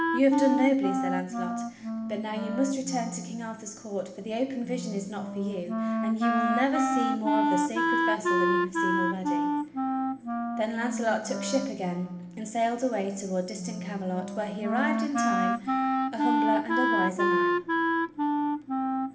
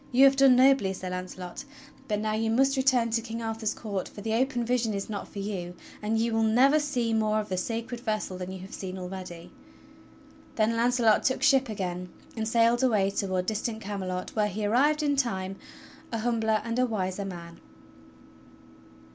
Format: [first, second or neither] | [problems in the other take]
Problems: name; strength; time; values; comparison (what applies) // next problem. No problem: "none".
second | background sound (Wind instrument, woodwind instrument); 2 dB above the speech // room echo; dies away in 1.1 s